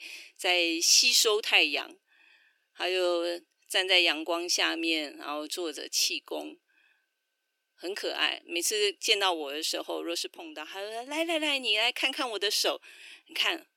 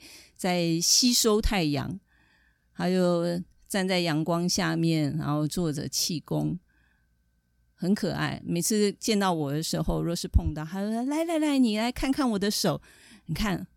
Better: second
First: thin; very; fading below 350 Hz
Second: none

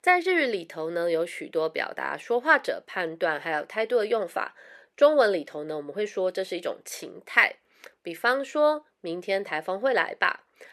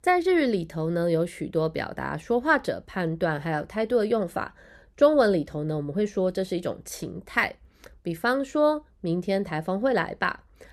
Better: second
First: thin; somewhat; fading below 450 Hz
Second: none

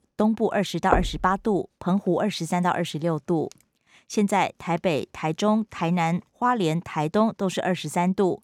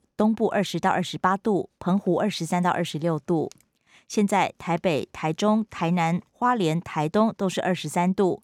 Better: second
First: door banging; noticeable; at 1 s; peak 2 dB below the speech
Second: none

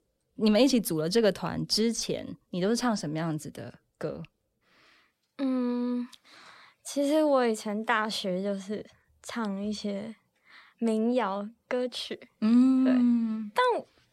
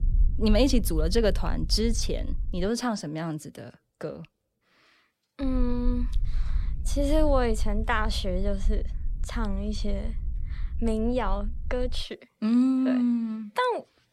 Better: first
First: none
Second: low rumble; faint; until 2.5 s and from 5.5 to 12 s; 25 dB below the speech

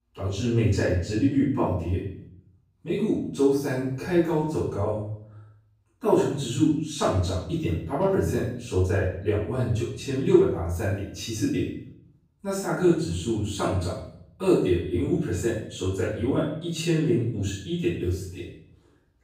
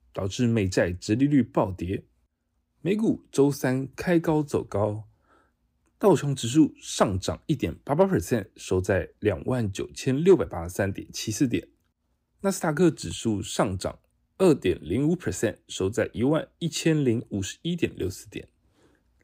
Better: second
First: room echo; noticeable; dies away in 0.6 s // off-mic speech; far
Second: none

